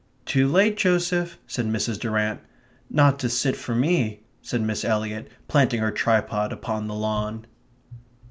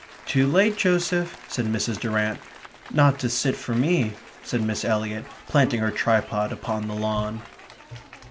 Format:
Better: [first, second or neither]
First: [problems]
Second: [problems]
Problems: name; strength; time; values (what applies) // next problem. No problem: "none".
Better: first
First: none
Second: background sound (Applause / Cheering + Bowed string instrument); 19 dB below the speech